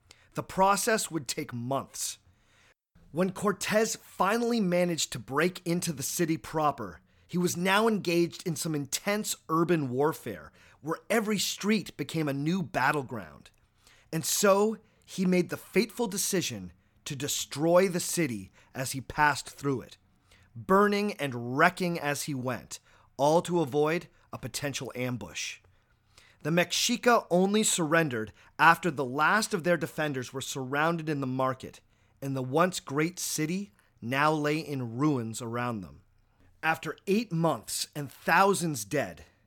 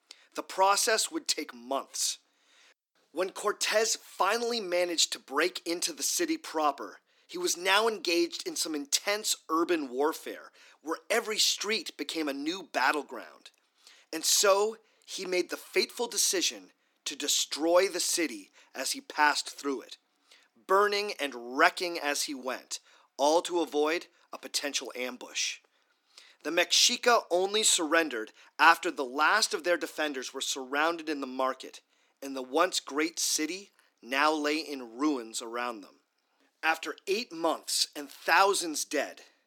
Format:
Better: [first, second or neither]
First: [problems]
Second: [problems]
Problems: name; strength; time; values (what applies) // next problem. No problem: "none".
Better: first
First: none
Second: thin; somewhat; fading below 300 Hz